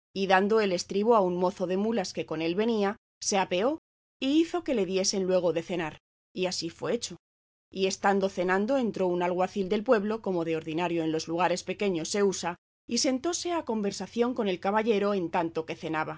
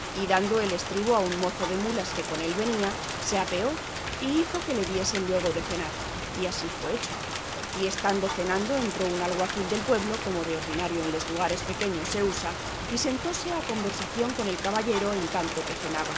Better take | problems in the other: first | background sound (Rain); 4 dB below the speech

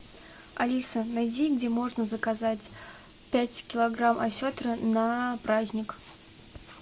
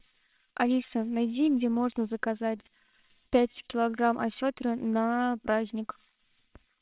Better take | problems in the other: first | noise reduction (neural separator model SepFormer WHAMR!)

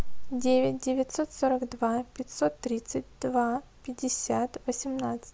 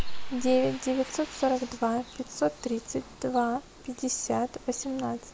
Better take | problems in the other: first | background sound (Bird); 19 dB below the speech

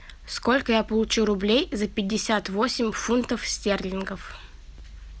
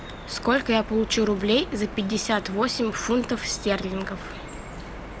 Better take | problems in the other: first | background sound (Drip); 13 dB below the speech

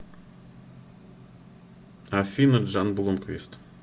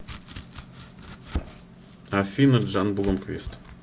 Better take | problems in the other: first | background sound (Domestic sounds, home sounds); 12 dB below the speech

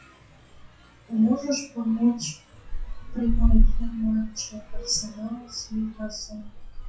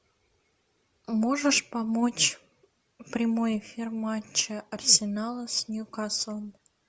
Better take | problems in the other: second | noise reduction (classical method WPE with log-MMSE)

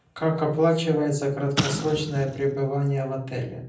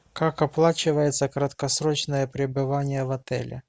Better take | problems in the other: second | background sound (Explosion); 8 dB below the speech // room echo; dies away in 0.6 s

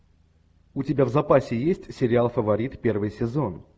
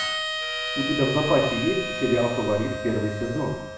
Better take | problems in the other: first | background sound (Harmonica); 5 dB below the speech // room echo; dies away in 0.7 s

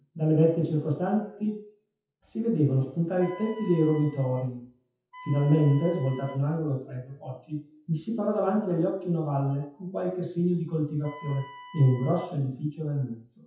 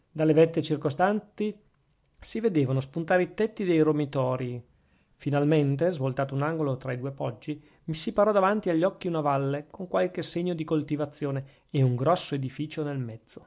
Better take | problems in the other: second | noise reduction (classical method WPE with log-MMSE)

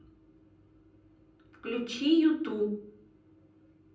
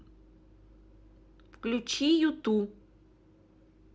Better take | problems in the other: second | room echo; dies away in 0.6 s

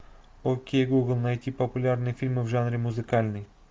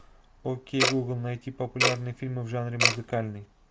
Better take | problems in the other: first | background sound (Tick-tock); as loud as the speech

